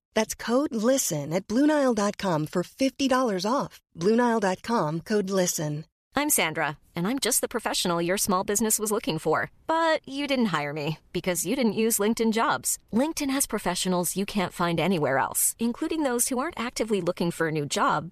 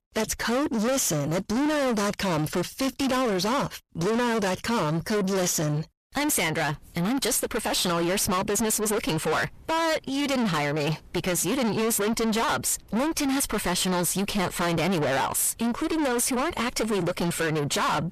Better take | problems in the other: first | distortion; heavy; 6 dB below the speech

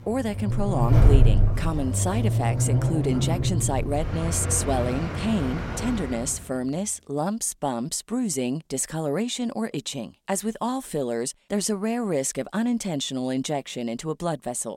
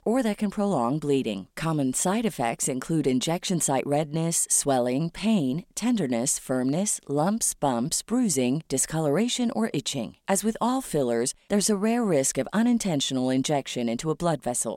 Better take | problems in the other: second | traffic noise; very loud; until 6 s; 2 dB above the speech

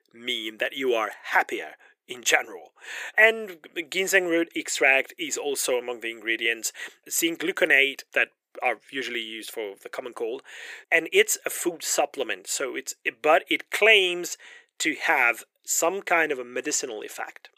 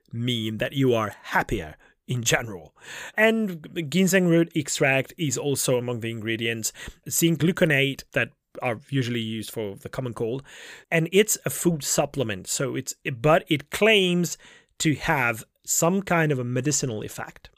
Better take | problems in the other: second | thin; very; fading below 350 Hz

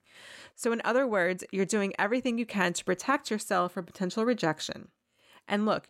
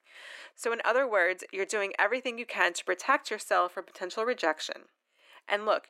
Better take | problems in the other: first | thin; very; fading below 300 Hz

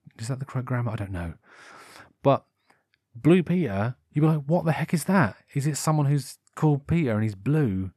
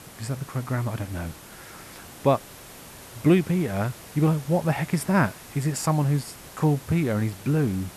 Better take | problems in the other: first | hiss; noticeable; throughout; 15 dB below the speech

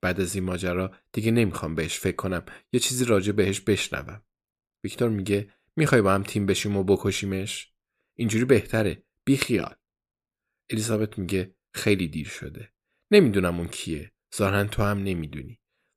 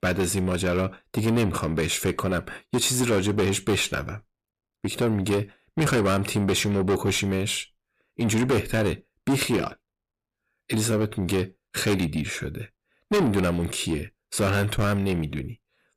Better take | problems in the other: first | distortion; heavy; 6 dB below the speech

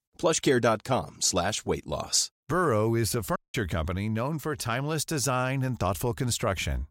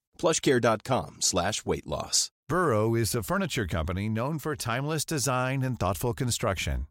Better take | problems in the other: second | audio cutting out; at 3.5 s

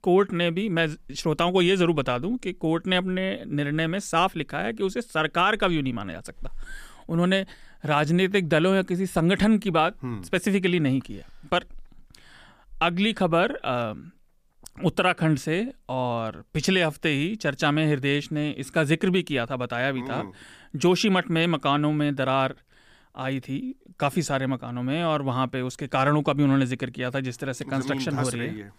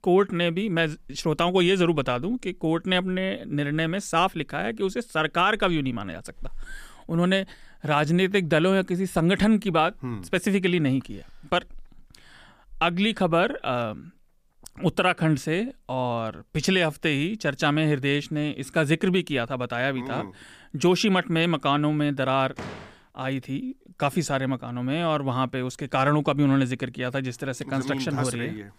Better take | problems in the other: first | door banging; faint; at 23 s; peak 15 dB below the speech

